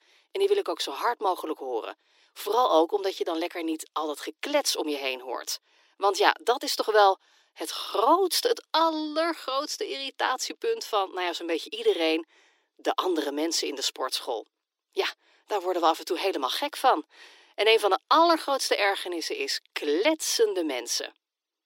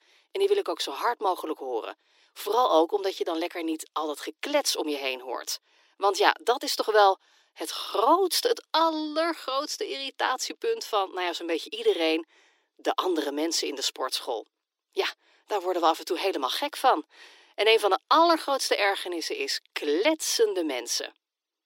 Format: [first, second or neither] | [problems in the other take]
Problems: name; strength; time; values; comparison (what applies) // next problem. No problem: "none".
neither | thin; very; fading below 300 Hz; the same in both